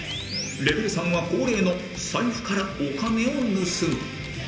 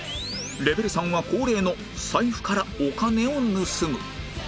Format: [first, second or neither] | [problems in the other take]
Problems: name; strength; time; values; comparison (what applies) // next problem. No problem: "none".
second | background sound (Computer keyboard); 19 dB below the speech // room echo; dies away in 0.8 s